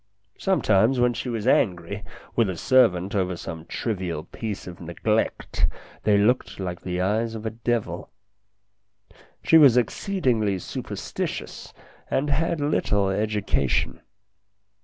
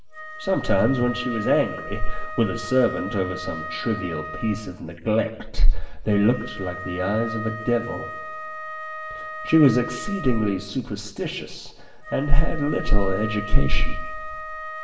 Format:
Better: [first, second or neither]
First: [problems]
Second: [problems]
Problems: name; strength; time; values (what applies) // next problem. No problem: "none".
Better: first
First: none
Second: background sound (Wind instrument, woodwind instrument); 14 dB below the speech // room echo; dies away in 0.8 s